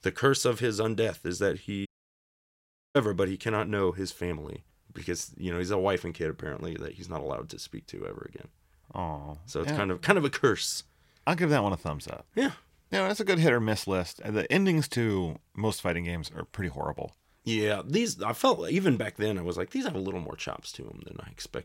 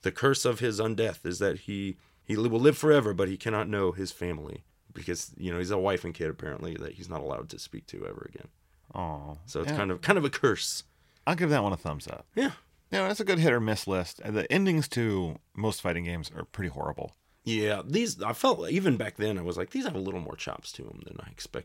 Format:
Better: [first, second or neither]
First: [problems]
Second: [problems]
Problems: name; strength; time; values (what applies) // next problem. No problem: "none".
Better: second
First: audio cutting out; at 2 s for 1 s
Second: none